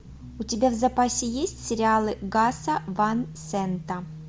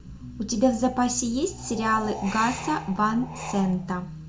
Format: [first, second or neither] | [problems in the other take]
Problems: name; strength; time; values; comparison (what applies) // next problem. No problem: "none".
first | background sound (Wind); 13 dB below the speech // room echo; dies away in 0.3 s